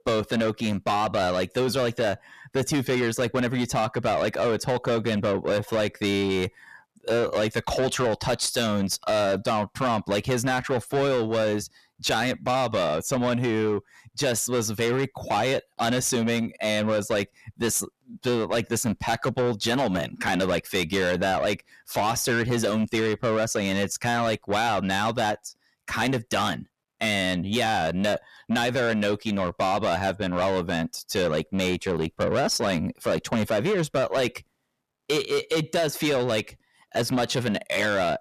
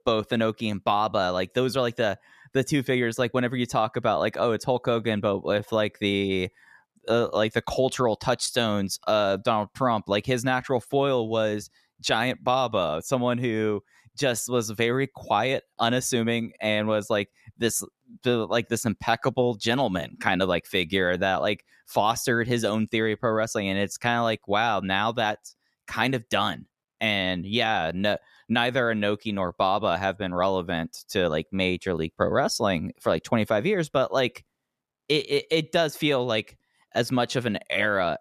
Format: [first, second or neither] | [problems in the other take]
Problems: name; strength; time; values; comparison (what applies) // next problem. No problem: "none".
second | distortion; heavy; 8 dB below the speech